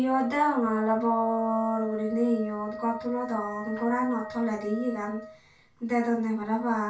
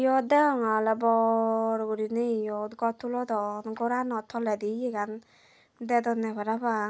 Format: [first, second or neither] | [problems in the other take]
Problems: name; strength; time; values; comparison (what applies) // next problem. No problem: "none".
second | background sound (Wind instrument, woodwind instrument); 13 dB below the speech // room echo; dies away in 0.2 s